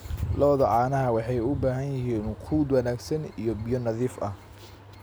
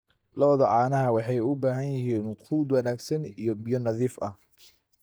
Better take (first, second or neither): first